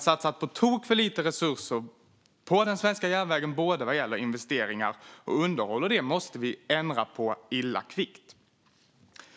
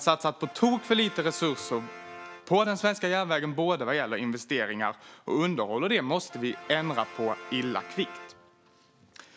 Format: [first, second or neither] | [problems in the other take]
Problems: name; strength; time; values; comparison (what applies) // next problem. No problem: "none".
first | background sound (Brass instrument); 18 dB below the speech